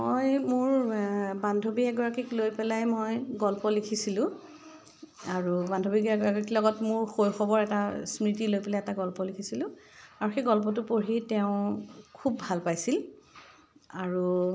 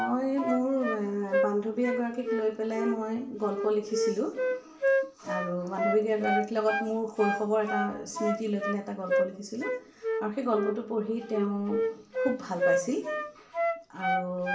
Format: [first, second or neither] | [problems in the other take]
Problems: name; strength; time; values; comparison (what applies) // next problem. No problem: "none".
first | background sound (Wind instrument, woodwind instrument); 1 dB below the speech // room echo; dies away in 0.8 s